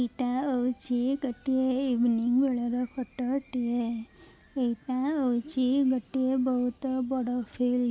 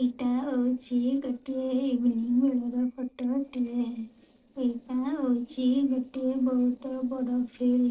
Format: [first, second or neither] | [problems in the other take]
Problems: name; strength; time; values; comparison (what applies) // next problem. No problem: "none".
first | noise reduction (neural separator model SepFormer DNS4)